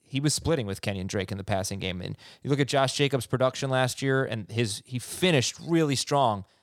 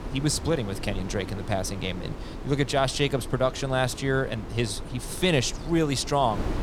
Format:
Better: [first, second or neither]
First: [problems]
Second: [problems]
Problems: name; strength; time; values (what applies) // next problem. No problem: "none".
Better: first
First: none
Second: wind noise on the microphone; occasional gusts; 15 dB below the speech